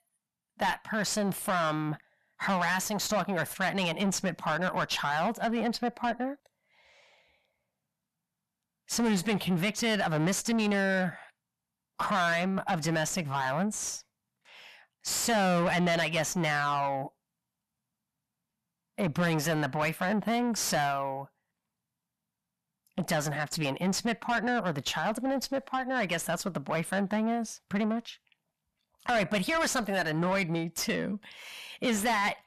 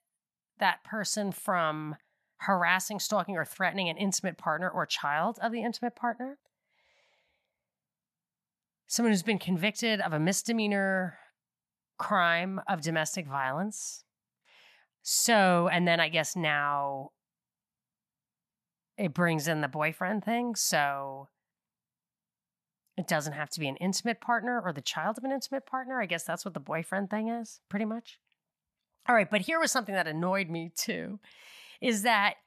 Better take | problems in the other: second | distortion; heavy; 7 dB below the speech

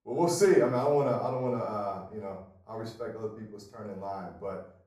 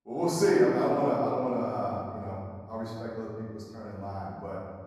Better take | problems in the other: first | room echo; strong; dies away in 1.8 s; slight in the first // off-mic speech; far; far in the first

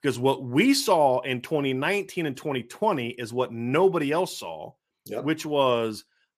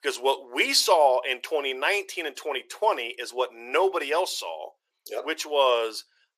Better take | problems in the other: first | thin; very; fading below 400 Hz

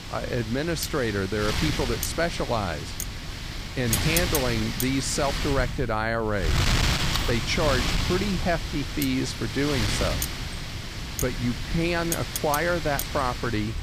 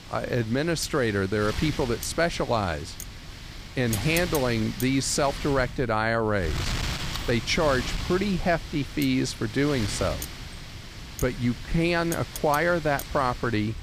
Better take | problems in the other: second | wind noise on the microphone; heavy; 2 dB below the speech; occasional gusts in the second

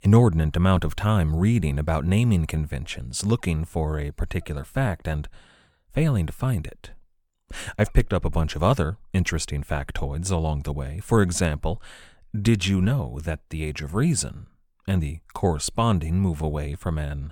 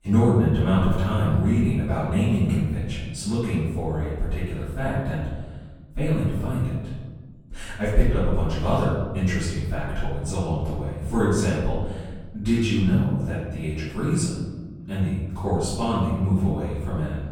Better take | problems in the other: first | off-mic speech; far // room echo; strong; dies away in 1.4 s

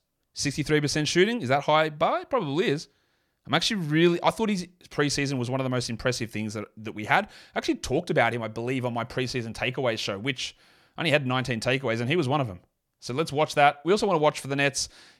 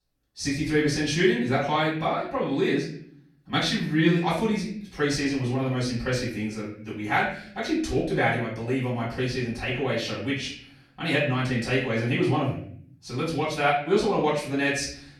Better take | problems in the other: first | off-mic speech; far // room echo; noticeable; dies away in 0.6 s

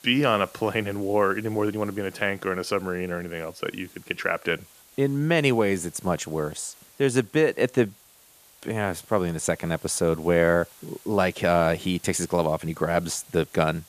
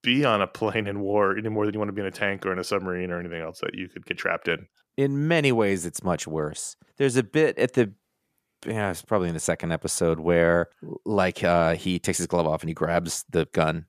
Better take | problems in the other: second | hiss; faint; throughout; 25 dB below the speech

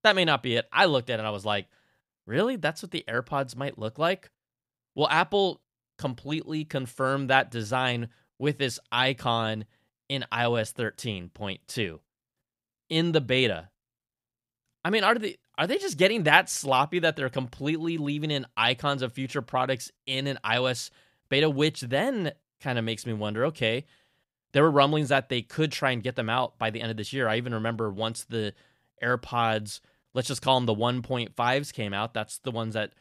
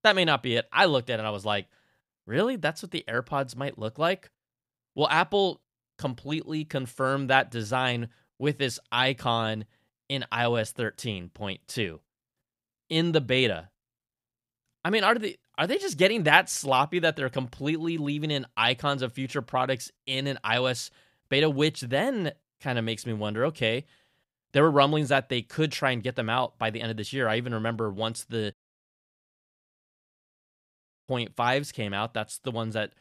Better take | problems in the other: first | audio cutting out; at 29 s for 2.5 s

